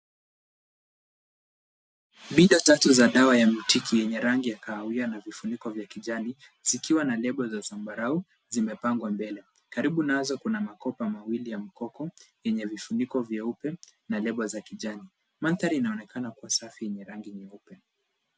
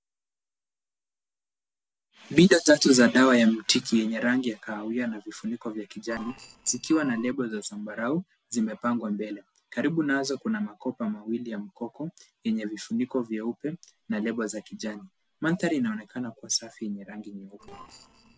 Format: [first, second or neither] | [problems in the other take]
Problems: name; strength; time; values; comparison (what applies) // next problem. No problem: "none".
first | noise reduction (neural separator model SepFormer DNS4)